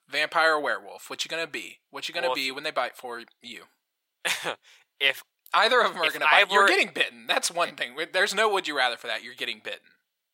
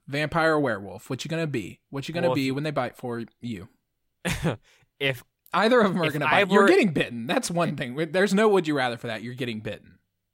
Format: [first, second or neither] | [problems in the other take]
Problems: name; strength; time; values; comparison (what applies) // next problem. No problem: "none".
second | thin; very; fading below 700 Hz